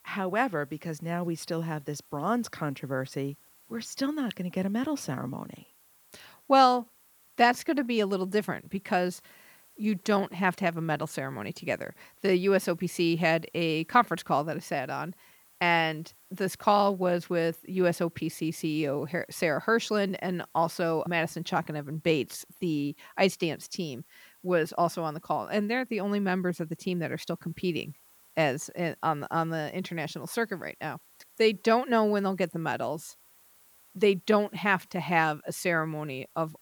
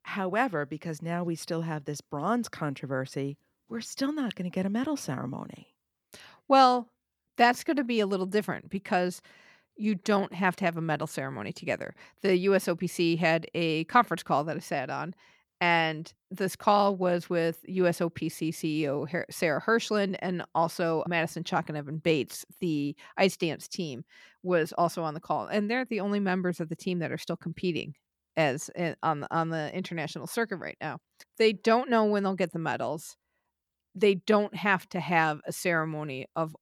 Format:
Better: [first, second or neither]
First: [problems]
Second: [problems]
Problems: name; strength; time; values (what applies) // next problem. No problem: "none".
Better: second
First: hiss; faint; throughout; 30 dB below the speech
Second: none